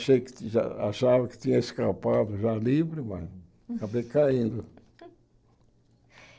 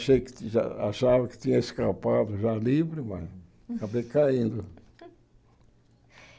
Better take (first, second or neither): second